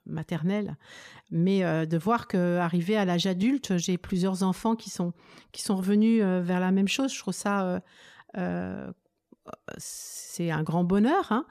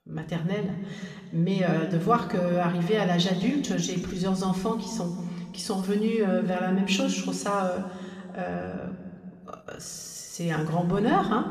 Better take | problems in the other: first | room echo; noticeable; dies away in 1.8 s // off-mic speech; somewhat distant

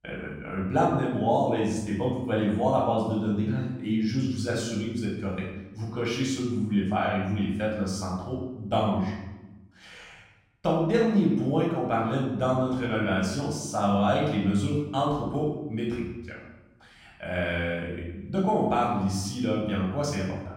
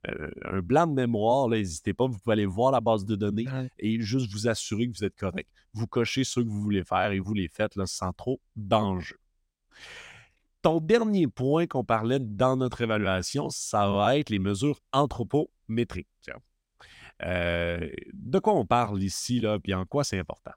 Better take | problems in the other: second | off-mic speech; far // room echo; noticeable; dies away in 0.8 s

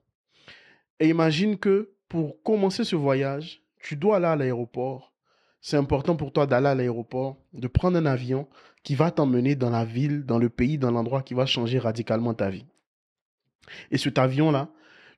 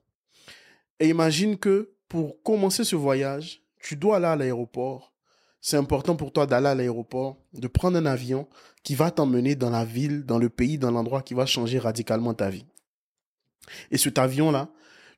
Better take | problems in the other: second | muffled; very slightly; fading above 3 kHz

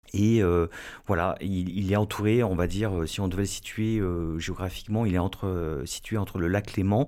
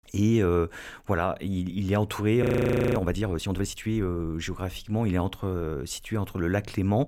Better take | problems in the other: first | audio freezing; at 2.5 s for 0.5 s

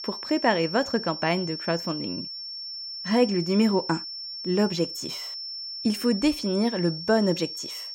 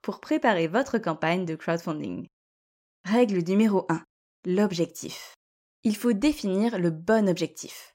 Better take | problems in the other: second | high-pitched whine; loud; throughout; 5.5 kHz, 8 dB below the speech

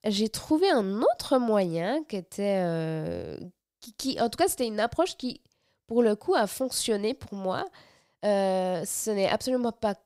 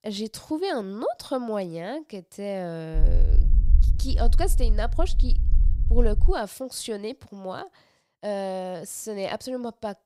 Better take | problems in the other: first | low rumble; noticeable; from 3 to 6.5 s; 15 dB below the speech

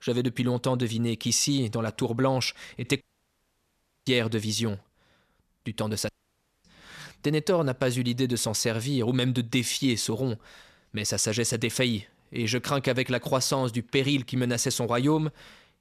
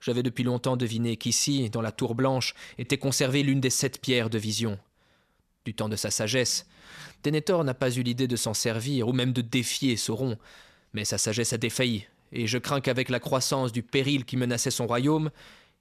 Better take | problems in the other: second | audio cutting out; at 3 s for 1 s and at 6 s for 0.5 s

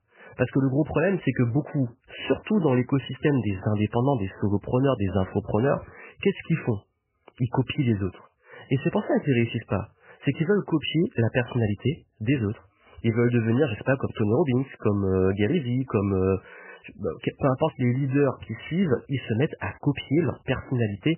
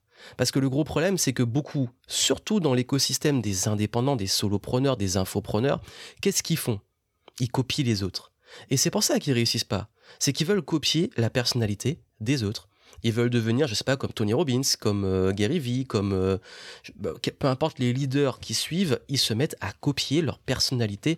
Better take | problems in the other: second | garbled, watery; badly; nothing above 3 kHz

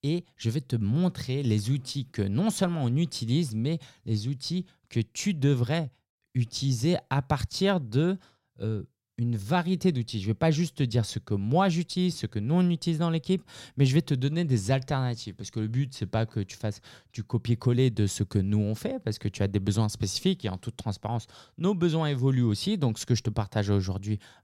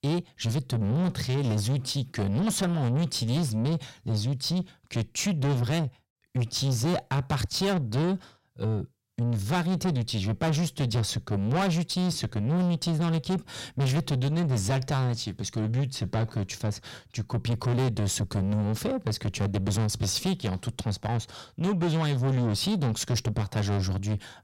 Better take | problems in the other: first | distortion; heavy; 7 dB below the speech

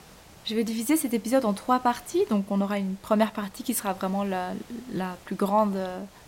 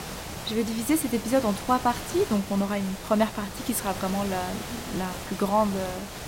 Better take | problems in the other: first | hiss; loud; throughout; 9 dB below the speech; faint in the first

